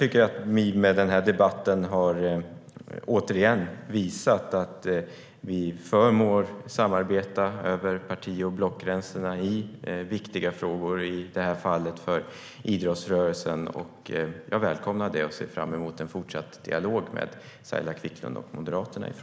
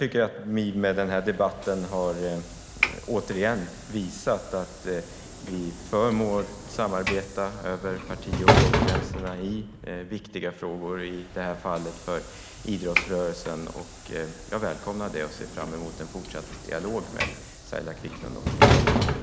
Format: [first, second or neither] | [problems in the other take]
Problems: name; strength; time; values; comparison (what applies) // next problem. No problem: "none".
first | background sound (Sliding door / Train); 1 dB above the speech